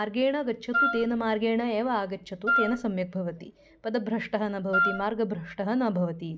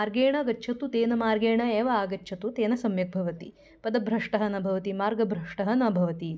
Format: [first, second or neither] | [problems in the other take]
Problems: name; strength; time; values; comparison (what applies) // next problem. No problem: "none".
second | background sound (Wind instrument, woodwind instrument); as loud as the speech